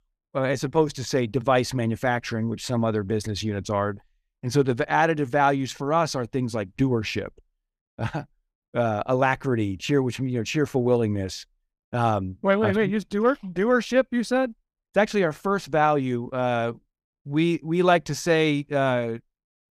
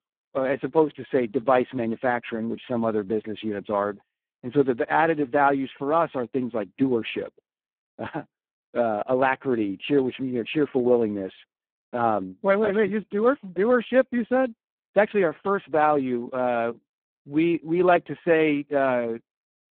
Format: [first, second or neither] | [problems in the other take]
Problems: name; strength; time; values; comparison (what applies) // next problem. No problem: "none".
first | phone-call audio; poor line